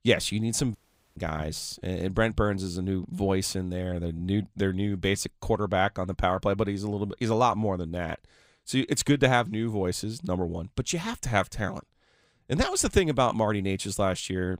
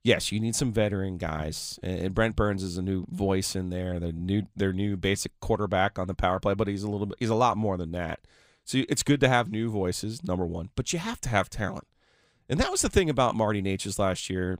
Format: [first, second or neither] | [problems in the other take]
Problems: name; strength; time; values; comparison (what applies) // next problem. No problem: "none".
second | audio cutting out; at 1 s